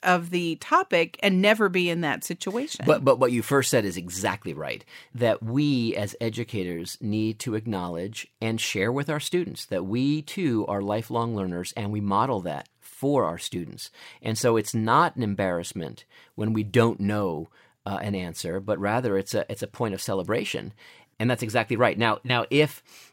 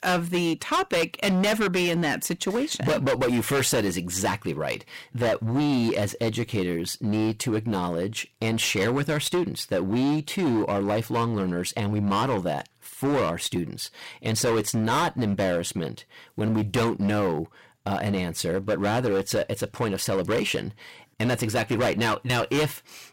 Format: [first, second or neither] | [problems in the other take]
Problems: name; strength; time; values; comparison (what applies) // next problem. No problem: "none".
first | distortion; heavy; 17% of the sound clipped